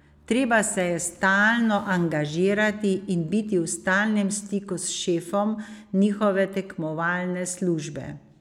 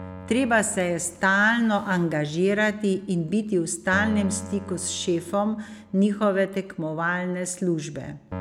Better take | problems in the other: first | background sound (Keyboard (musical)); 17 dB below the speech

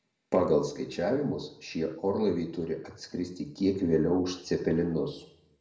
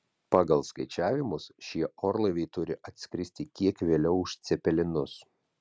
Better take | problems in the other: second | room echo; dies away in 0.5 s

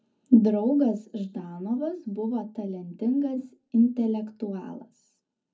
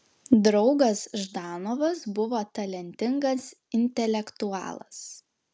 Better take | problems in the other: second | room echo; dies away in 0.4 s

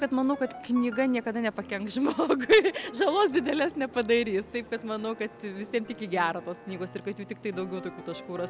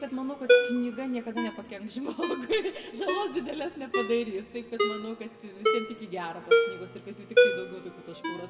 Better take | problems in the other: first | background sound (Ringtone); 4 dB above the speech // room echo; dies away in 1.4 s

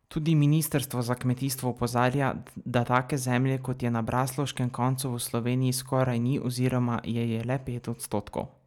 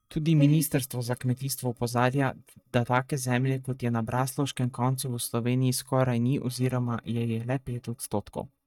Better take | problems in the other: first | noise reduction (neural mask model DeepFilterNet 3)

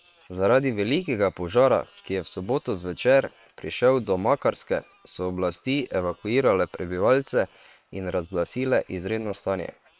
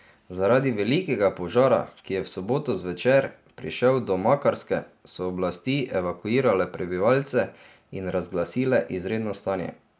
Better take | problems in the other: second | noise reduction (neural separator model SepFormer WHAM!)

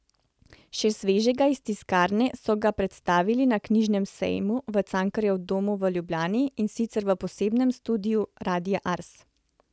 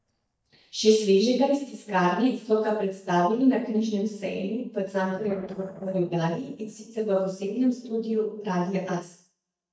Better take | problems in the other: first | noise reduction (neural mask model DeepFilterNet 3)

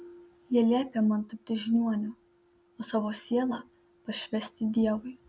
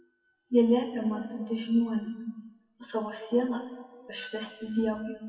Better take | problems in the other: first | noise reduction (classical method WPE with log-MMSE)

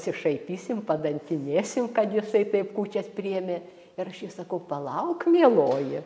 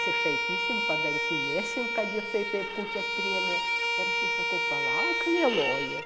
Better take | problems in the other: first | background sound (Bowed string instrument); 4 dB above the speech

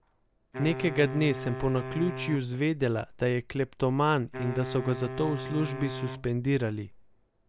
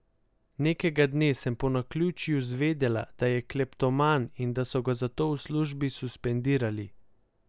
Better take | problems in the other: second | background sound (Wind instrument, woodwind instrument); 10 dB below the speech

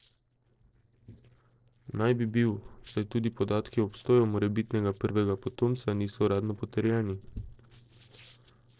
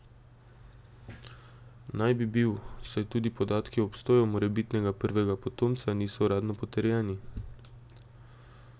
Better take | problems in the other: second | noise reduction (neural separator model SepFormer DNS4)

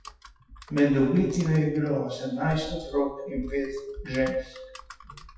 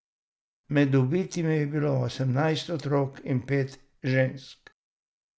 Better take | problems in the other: second | noise reduction (classical method WPE with log-MMSE)

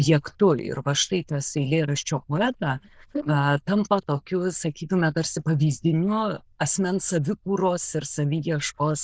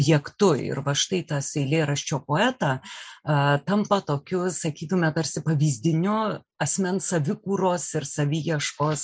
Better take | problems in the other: second | noise reduction (neural diffusion model UNIVERSE++)

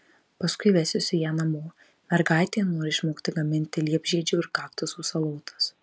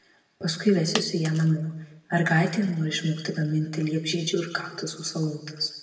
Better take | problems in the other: first | background sound (Coin (dropping)); 12 dB below the speech // room echo; dies away in 0.9 s

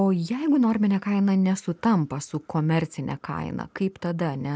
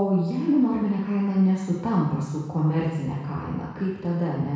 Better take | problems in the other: first | room echo; dies away in 1.1 s

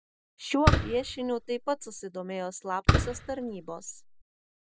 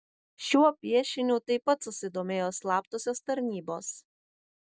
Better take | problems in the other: second | background sound (Fireworks); 4 dB above the speech

